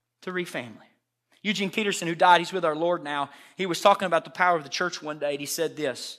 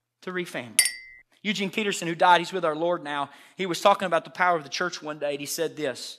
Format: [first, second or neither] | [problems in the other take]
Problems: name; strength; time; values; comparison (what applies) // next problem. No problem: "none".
first | clattering dishes; loud; at 1 s; peak 4 dB above the speech